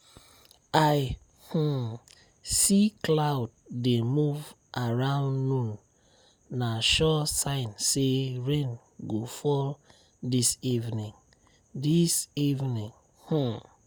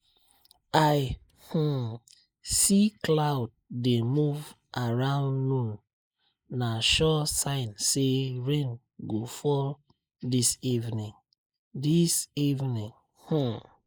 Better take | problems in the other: first | noise reduction (neural mask model Resemble Enhance denoiser)

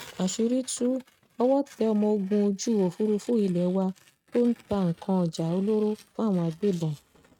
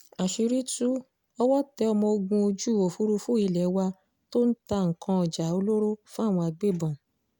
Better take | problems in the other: second | noise reduction (neural mask model RNNoise)

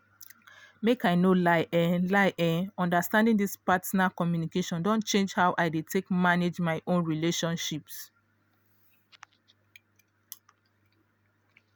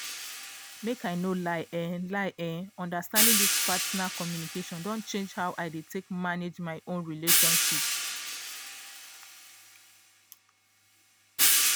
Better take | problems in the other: first | background sound (Hi-hat); 4 dB above the speech

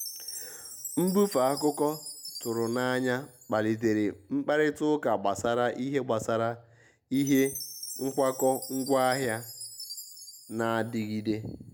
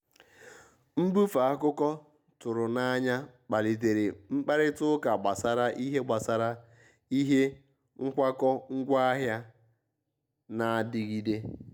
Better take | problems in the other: second | background sound (Chime); 14 dB below the speech

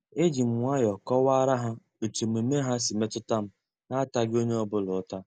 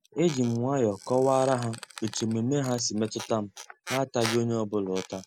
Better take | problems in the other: first | background sound (Squeak); 15 dB below the speech

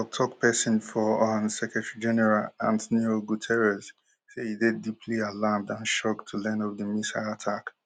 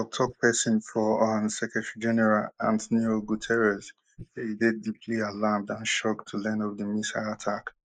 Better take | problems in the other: first | noise reduction (neural mask model Resemble Enhance denoiser)

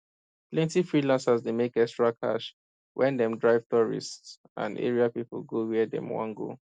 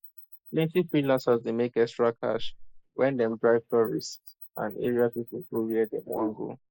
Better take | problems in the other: first | noise reduction (neural mask model Resemble Enhance denoiser)

